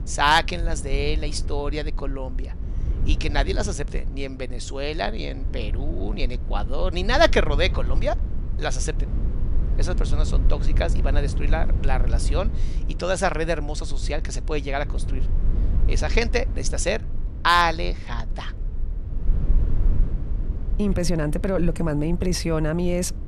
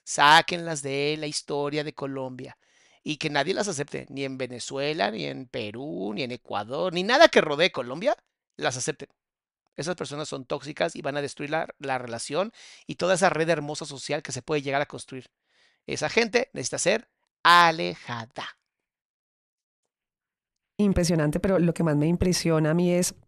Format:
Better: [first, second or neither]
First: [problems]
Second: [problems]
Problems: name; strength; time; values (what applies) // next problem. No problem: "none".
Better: second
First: low rumble; noticeable; throughout; 20 dB below the speech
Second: none